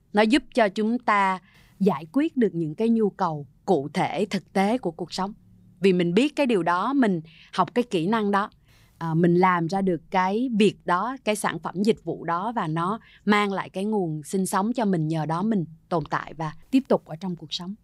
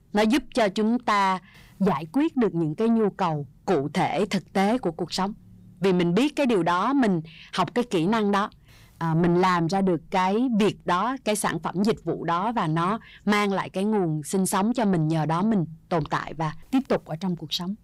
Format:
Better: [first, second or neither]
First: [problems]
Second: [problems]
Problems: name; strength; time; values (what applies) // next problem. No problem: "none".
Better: first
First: none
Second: distortion; slight; 10 dB below the speech